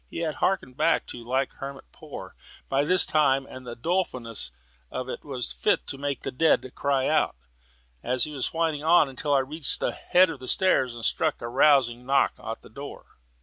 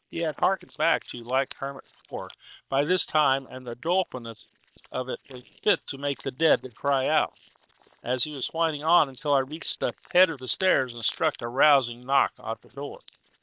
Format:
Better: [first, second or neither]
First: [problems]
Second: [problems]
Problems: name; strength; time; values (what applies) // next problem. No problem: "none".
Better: first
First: none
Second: noise reduction (neural separator model SepFormer WHAM!)